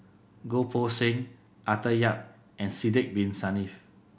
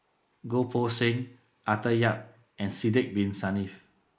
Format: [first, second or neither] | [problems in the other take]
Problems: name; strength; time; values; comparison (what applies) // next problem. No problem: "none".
first | noise reduction (neural mask model Resemble Enhance denoiser)